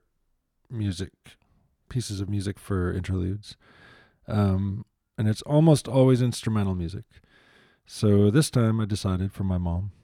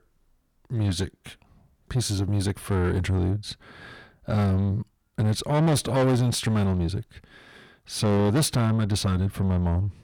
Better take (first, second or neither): first